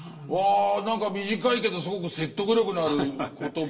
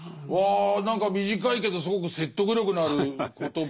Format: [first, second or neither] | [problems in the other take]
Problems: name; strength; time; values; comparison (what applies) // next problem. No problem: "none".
second | room echo; dies away in 1.3 s